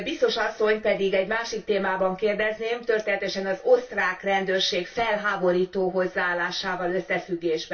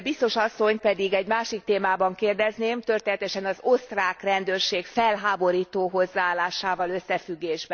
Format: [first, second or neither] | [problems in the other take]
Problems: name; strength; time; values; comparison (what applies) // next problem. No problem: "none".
second | room echo; dies away in 0.2 s